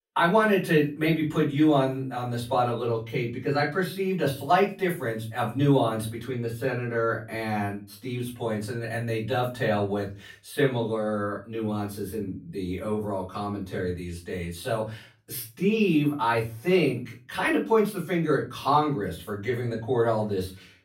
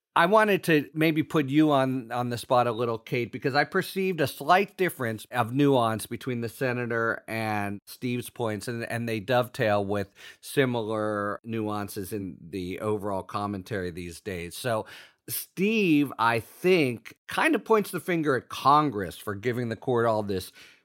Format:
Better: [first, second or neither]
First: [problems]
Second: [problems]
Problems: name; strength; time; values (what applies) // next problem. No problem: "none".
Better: second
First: off-mic speech; far // room echo; slight; dies away in 0.3 s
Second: none